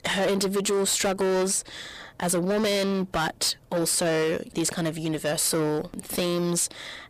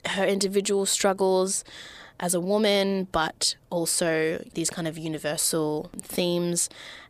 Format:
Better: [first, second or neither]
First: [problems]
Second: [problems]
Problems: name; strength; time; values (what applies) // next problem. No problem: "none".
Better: second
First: distortion; heavy; 20% of the sound clipped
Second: none